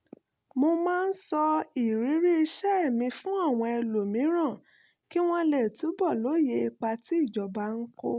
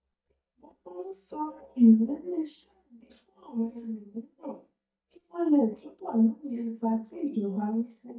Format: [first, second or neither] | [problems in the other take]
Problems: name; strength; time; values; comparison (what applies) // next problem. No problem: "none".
first | noise reduction (neural mask model DeepFilterNet 3)